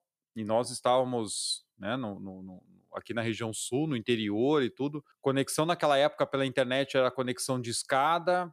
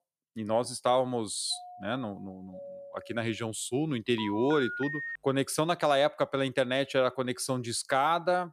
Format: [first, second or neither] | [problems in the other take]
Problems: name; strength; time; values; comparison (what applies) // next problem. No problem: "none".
first | doorbell; faint; from 1.5 to 3.5 s; peak 15 dB below the speech // phone ringing; noticeable; at 4 s; peak 5 dB below the speech